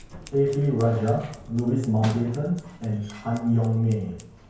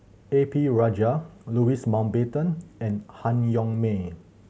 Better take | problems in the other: second | background sound (Scissors); 19 dB below the speech // room echo; dies away in 0.5 s

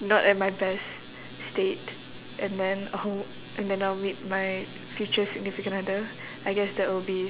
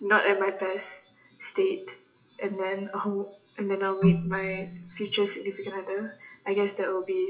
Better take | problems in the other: first | noise reduction (classical method WPE with log-MMSE)

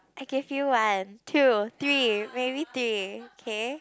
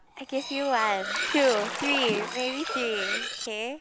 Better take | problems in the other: first | background sound (Cutlery, silverware + Bathtub (filling or washing) / Splash, splatter); 4 dB below the speech

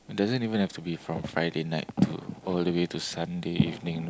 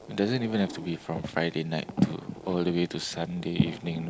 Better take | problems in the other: first | background sound (Zipper (clothing)); 18 dB below the speech

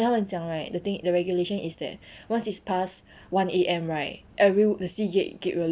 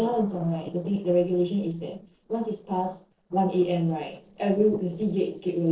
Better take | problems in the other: first | noise reduction (neural separator model SepFormer DNS4)

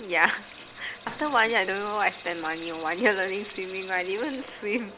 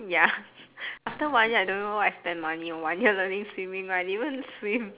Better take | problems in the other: second | background sound (Sink (filling or washing) / Water tap, faucet); 17 dB below the speech

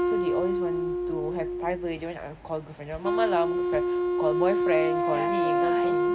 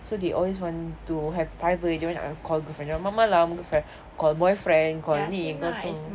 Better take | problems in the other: second | background sound (Wind instrument, woodwind instrument); 5 dB above the speech

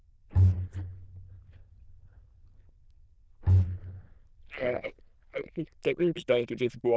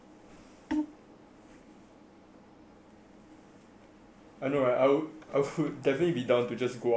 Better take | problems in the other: second | noise reduction (neural diffusion model UNIVERSE++)

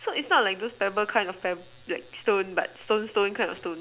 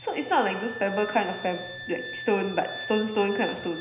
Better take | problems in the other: first | background sound (Wind instrument, woodwind instrument); 12 dB below the speech // room echo; dies away in 0.9 s

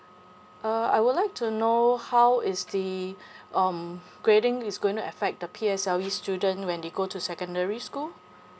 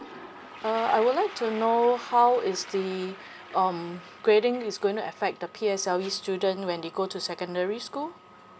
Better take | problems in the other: first | background sound (Toilet flush); 18 dB below the speech

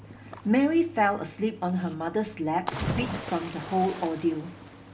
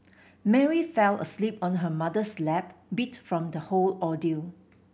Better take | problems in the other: second | background sound (Cricket / Waves, surf); 10 dB below the speech // room echo; dies away in 0.2 s

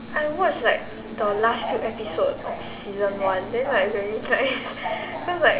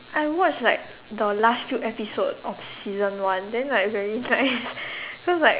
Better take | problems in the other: second | background sound (Subway, metro, underground); 10 dB below the speech // room echo; dies away in 2.6 s

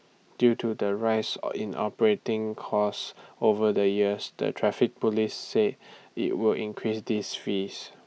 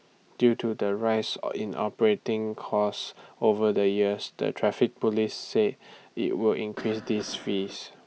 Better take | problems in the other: first | background sound (Cough); 17 dB below the speech

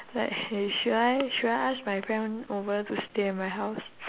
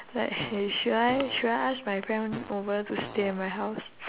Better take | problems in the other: first | background sound (Fart); 14 dB below the speech

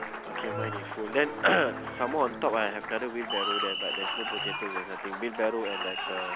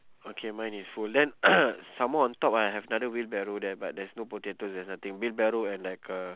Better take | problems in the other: second | background sound (Applause); 4 dB below the speech

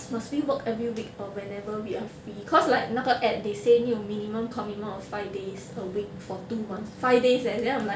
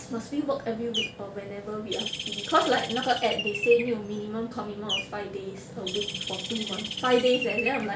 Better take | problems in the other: first | background sound (Bird); 7 dB below the speech

